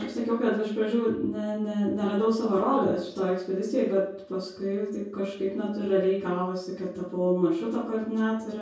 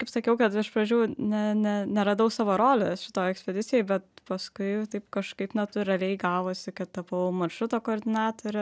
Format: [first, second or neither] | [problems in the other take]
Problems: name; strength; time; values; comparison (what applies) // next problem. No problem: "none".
second | room echo; dies away in 0.6 s